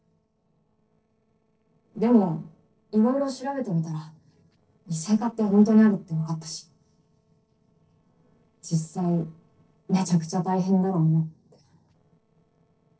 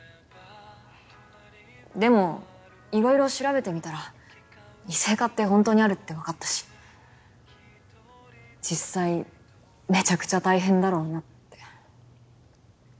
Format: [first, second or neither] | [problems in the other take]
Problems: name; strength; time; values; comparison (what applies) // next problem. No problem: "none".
second | noise reduction (neural separator model SepFormer DNS4)